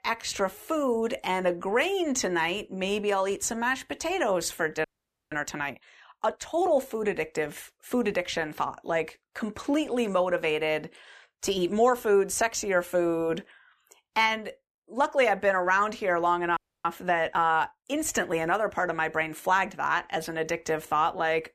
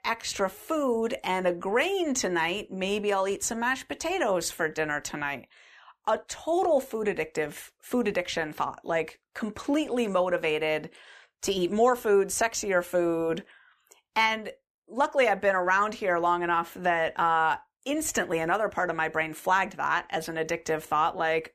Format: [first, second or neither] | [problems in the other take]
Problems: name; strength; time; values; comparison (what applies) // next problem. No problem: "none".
second | audio freezing; at 5 s and at 17 s